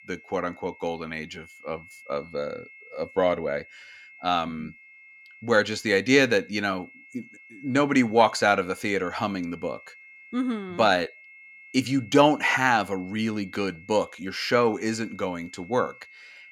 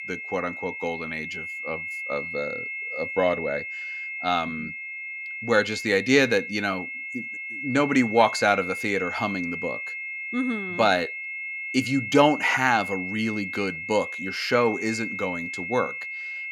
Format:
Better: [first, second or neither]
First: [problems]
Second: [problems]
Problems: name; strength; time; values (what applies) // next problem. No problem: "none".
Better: first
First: high-pitched whine; faint; throughout; 2 kHz, 20 dB below the speech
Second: high-pitched whine; loud; throughout; 2 kHz, 6 dB below the speech